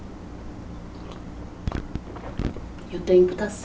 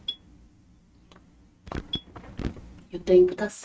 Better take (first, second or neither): first